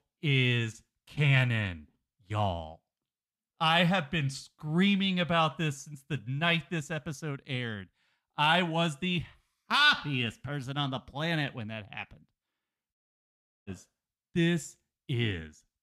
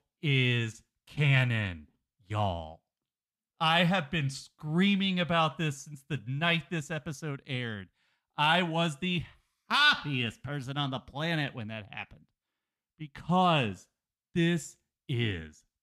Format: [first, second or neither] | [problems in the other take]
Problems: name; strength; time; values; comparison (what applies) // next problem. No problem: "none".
second | audio cutting out; at 13 s for 0.5 s